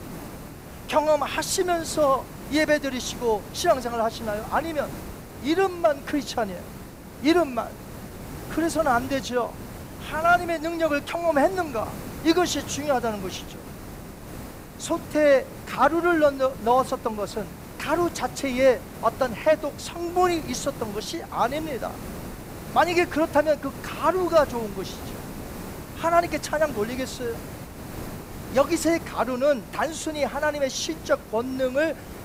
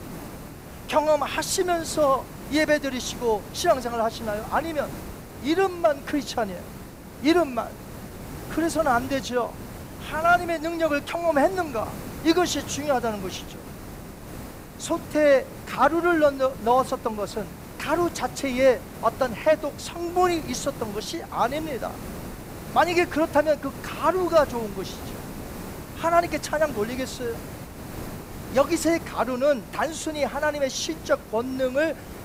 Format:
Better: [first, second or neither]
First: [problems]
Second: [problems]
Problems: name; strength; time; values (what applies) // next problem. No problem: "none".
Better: neither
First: hiss; noticeable; throughout; 15 dB below the speech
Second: hiss; noticeable; throughout; 15 dB below the speech